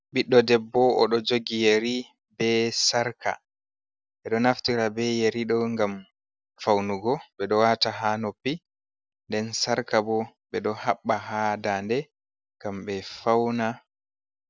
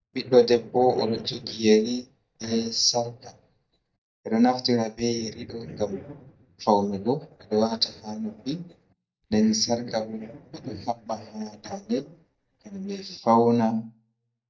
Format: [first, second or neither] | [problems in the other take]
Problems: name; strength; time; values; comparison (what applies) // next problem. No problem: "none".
first | noise reduction (neural mask model DeepFilterNet 3)